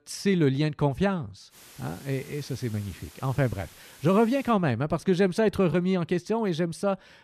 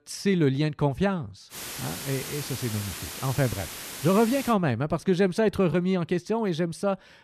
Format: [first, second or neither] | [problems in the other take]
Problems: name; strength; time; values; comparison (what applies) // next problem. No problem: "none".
first | hiss; loud; from 1.5 to 4.5 s; 9 dB below the speech; faint in the first